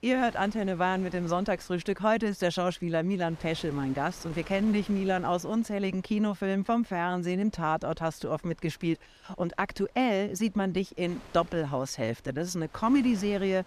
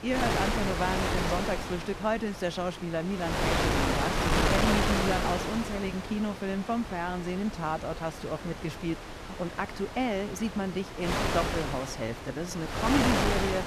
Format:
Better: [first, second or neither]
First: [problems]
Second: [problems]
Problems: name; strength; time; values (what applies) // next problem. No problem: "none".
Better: first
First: wind noise on the microphone; occasional gusts; 20 dB below the speech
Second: wind noise on the microphone; heavy; 3 dB above the speech